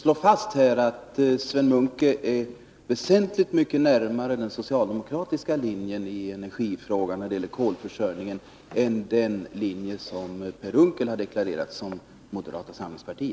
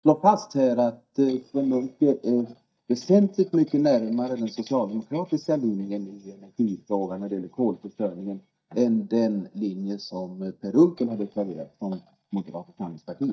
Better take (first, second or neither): first